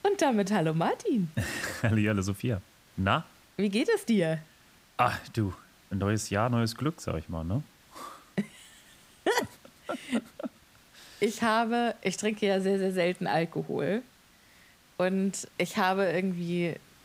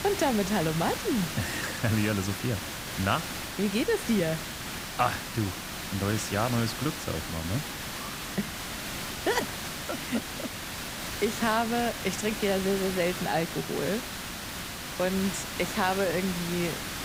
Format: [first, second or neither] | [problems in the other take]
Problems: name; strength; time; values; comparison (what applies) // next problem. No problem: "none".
first | hiss; loud; throughout; 4 dB below the speech; faint in the first